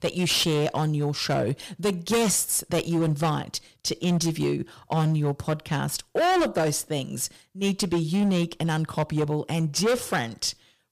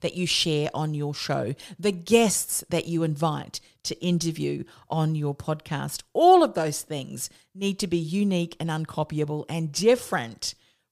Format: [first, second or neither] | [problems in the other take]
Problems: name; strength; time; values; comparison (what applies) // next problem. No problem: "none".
second | distortion; heavy; 12% of the sound clipped